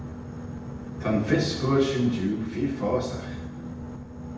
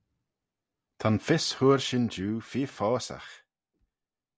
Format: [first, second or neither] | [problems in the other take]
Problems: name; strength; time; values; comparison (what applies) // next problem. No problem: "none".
second | background sound (Boat, Water vehicle); 8 dB below the speech // room echo; dies away in 0.8 s